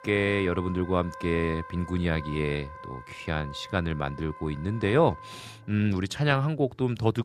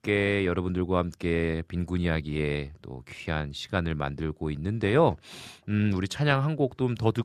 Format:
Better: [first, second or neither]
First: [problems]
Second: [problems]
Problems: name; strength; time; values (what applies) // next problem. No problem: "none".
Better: second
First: background music; noticeable; throughout; 15 dB below the speech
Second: none